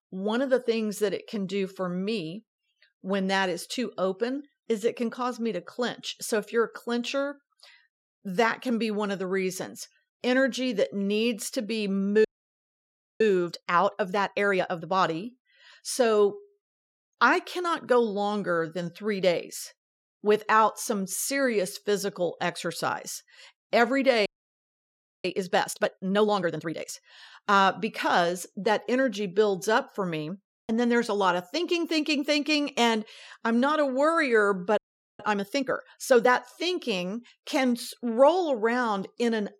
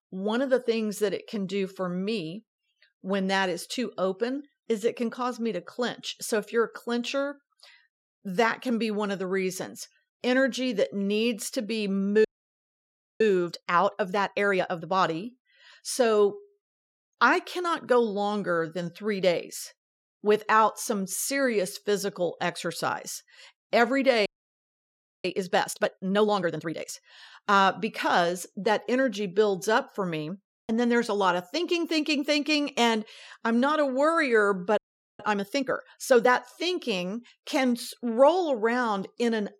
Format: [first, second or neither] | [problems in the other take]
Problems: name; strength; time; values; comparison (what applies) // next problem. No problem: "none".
neither | audio freezing; at 12 s for 1 s, at 24 s for 1 s and at 35 s; the same in both